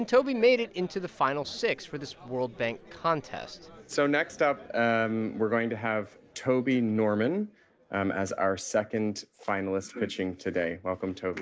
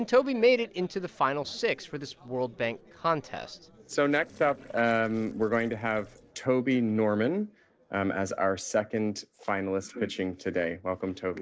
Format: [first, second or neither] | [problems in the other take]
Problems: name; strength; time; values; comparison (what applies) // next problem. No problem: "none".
first | noise reduction (neural separator model SepFormer DNS4)